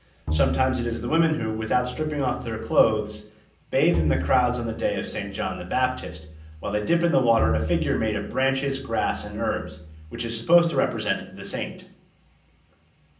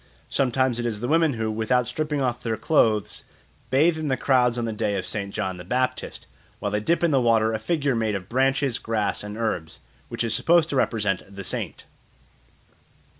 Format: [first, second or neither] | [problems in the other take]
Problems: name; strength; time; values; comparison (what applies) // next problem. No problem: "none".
second | background sound (Bowed string instrument); 7 dB below the speech // room echo; dies away in 0.6 s